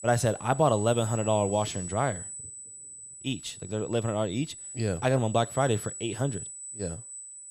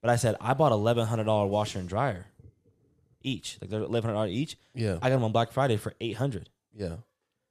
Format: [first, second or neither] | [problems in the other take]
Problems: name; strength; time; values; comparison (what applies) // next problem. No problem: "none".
second | high-pitched whine; noticeable; throughout; 8 kHz, 10 dB below the speech